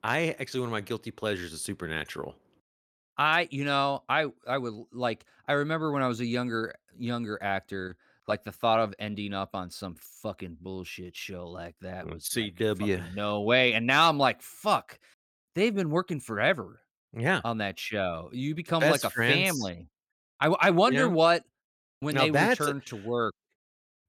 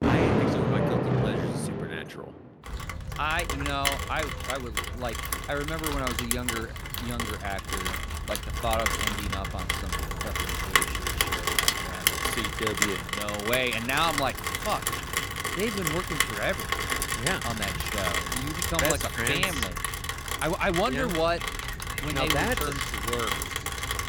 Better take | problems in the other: first | rain or running water; very loud; throughout; 2 dB above the speech

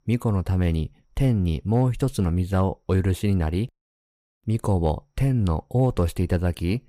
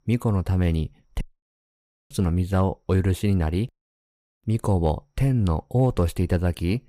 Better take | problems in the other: first | audio cutting out; at 1 s for 1 s

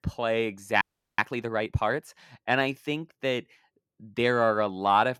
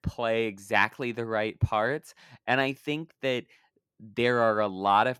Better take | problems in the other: second | audio freezing; at 1 s

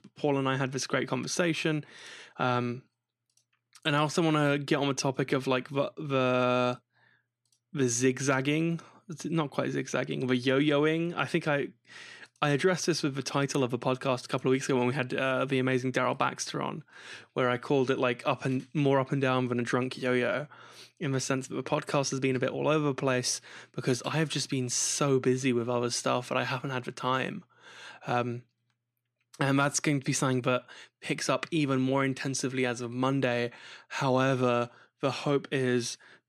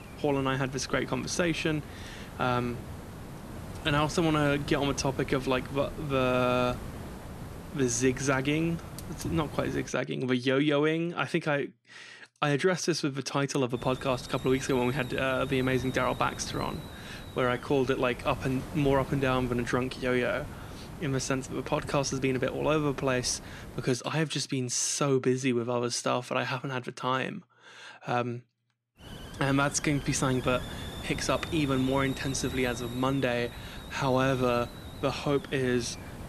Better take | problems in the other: first | hiss; noticeable; until 10 s, from 14 to 24 s and from 29 s on; 15 dB below the speech

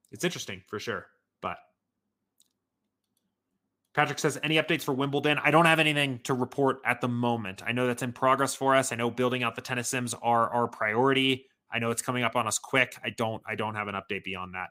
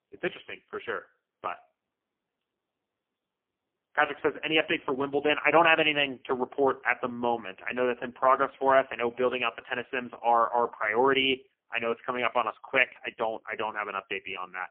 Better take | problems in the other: first | phone-call audio; poor line; nothing above 3 kHz

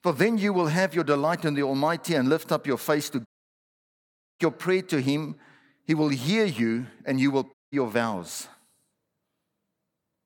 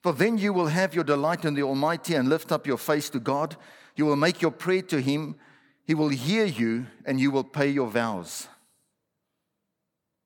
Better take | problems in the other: second | audio cutting out; at 3.5 s for 1 s and at 7.5 s

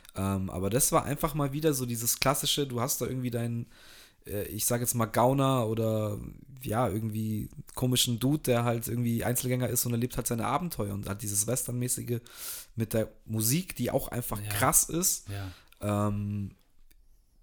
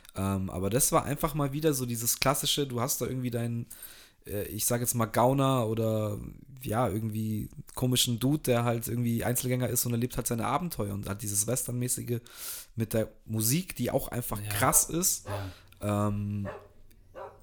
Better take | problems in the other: first | jangling keys; faint; at 3.5 s; peak 15 dB below the speech // dog barking; faint; from 15 s on; peak 15 dB below the speech

